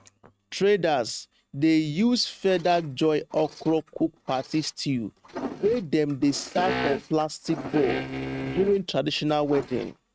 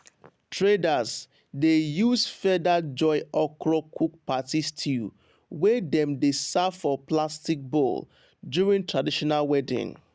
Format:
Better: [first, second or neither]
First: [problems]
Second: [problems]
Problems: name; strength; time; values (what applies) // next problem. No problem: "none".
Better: second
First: noise reduction (neural mask model RNNoise)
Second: none